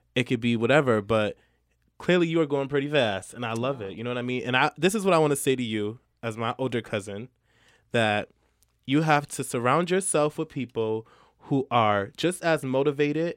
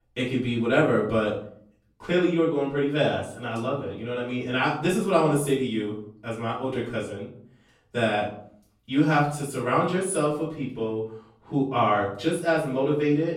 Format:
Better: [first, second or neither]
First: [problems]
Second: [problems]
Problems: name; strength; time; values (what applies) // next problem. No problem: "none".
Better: first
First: none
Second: off-mic speech; far // room echo; noticeable; dies away in 0.5 s